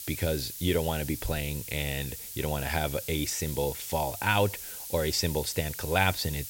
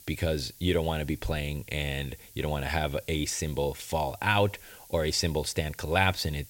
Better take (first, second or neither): second